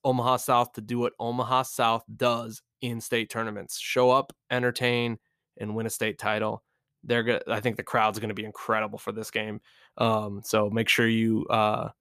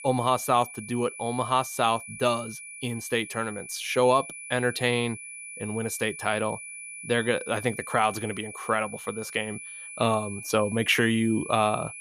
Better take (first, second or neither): first